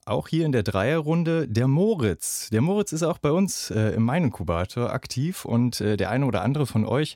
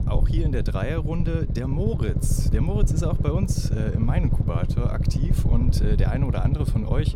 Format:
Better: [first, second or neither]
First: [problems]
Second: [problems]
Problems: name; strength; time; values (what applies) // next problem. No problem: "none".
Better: first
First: none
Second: low rumble; loud; throughout; 3 dB below the speech